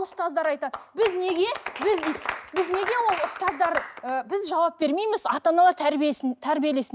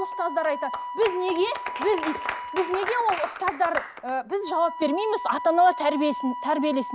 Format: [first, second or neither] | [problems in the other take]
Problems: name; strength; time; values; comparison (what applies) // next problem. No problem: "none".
first | background sound (Wind instrument, woodwind instrument); 10 dB below the speech